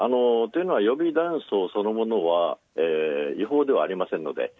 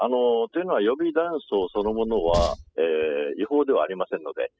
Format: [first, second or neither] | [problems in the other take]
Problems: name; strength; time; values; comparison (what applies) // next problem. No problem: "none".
first | noise reduction (classical method spectral subtraction)